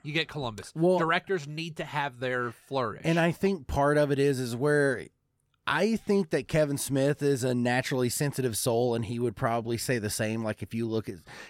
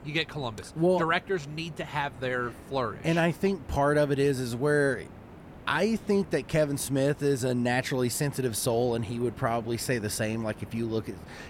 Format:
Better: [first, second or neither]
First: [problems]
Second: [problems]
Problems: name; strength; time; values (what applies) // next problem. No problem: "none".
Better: first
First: none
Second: hiss; noticeable; throughout; 20 dB below the speech